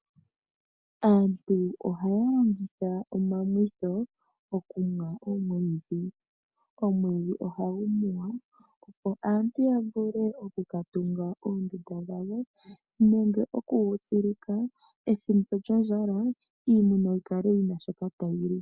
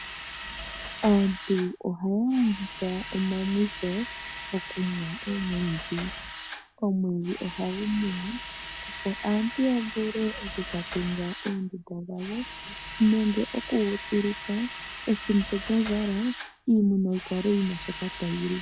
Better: first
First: none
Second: background sound (Drill); 11 dB below the speech

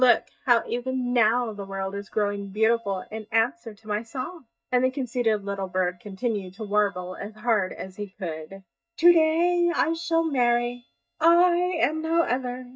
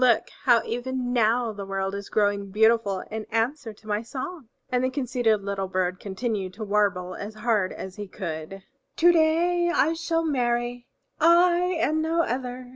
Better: second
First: noise reduction (neural mask model DeepFilterNet 3)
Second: none

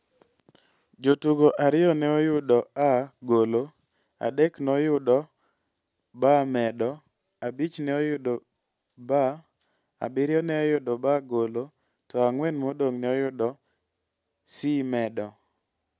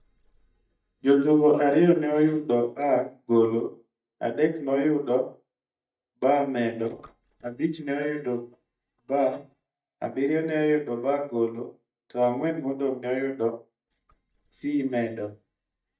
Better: first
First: none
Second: noise reduction (neural mask model DeepFilterNet 3)

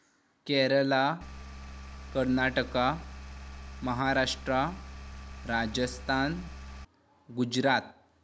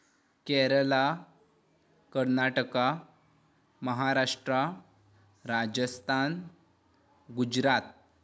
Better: second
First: background sound (Engine); 12 dB below the speech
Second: none

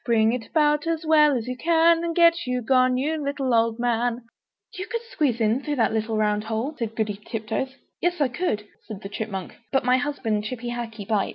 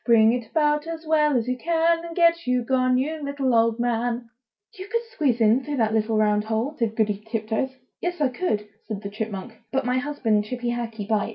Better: first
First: none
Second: room echo; dies away in 0.2 s

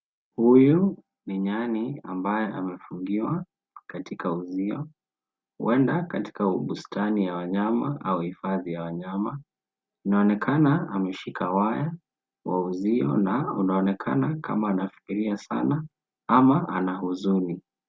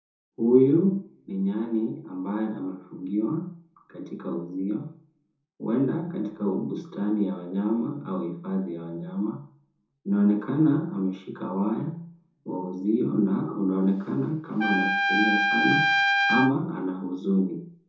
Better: first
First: none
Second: background sound (Trumpet); 1 dB above the speech // room echo; dies away in 0.5 s

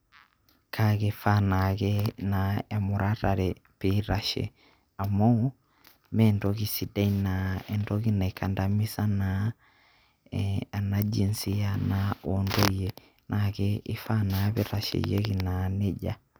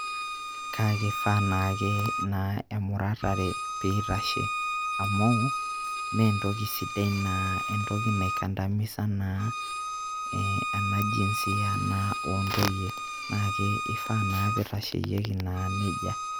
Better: first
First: none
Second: background sound (Bowed string instrument); 4 dB below the speech

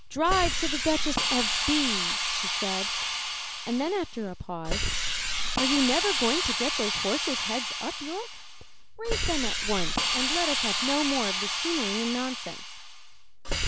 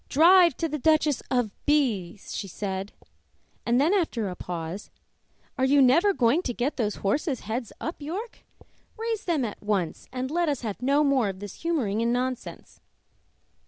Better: second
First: background sound (Hiss); 2 dB above the speech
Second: none

